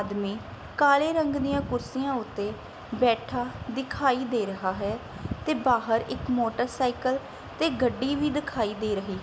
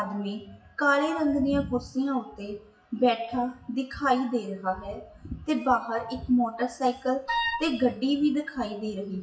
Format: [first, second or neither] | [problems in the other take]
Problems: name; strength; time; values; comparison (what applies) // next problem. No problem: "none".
first | noise reduction (classical method WPE with log-MMSE)